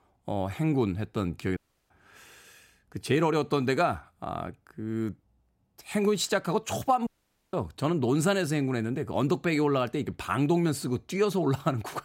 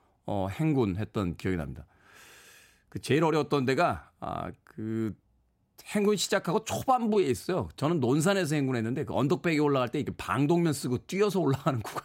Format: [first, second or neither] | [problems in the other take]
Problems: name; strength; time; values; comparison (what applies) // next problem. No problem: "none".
second | audio cutting out; at 1.5 s and at 7 s